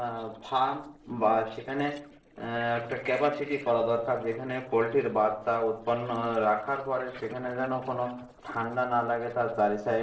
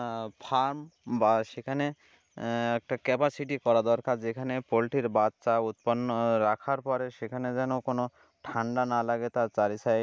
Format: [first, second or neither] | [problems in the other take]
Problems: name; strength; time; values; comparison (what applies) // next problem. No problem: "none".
second | noise reduction (neural separator model SepFormer DNS4)